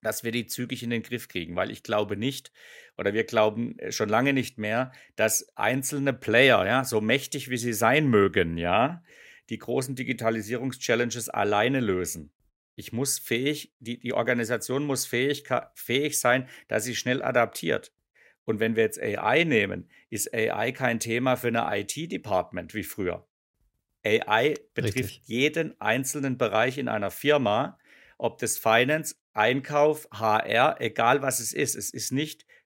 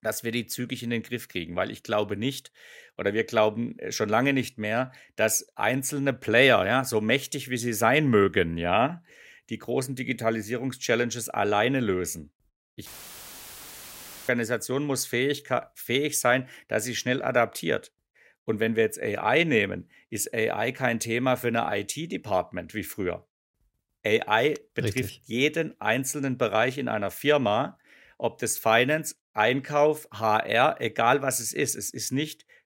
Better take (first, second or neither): first